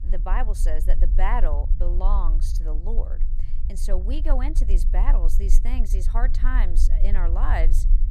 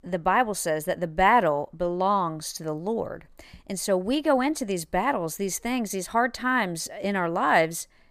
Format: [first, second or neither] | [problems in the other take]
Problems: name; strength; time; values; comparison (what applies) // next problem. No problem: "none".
second | low rumble; noticeable; throughout; 15 dB below the speech